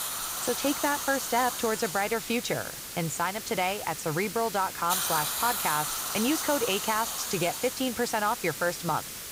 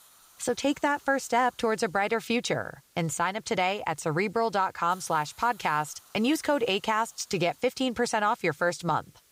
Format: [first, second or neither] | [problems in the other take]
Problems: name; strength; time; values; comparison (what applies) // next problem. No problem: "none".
second | hiss; loud; throughout; 3 dB below the speech; faint in the second